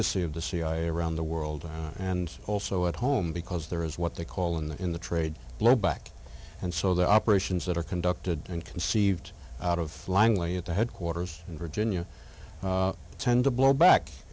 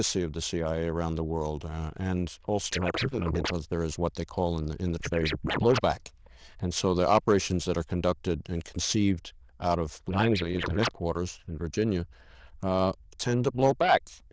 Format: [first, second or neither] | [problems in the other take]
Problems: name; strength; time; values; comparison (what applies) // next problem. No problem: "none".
first | noise reduction (neural diffusion model UNIVERSE++)